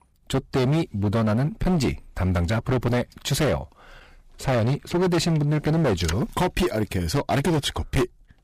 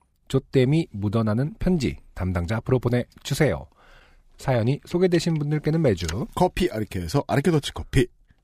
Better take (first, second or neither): second